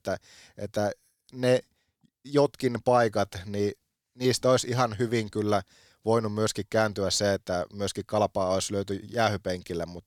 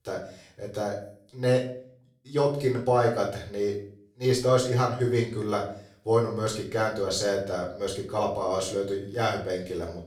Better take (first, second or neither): first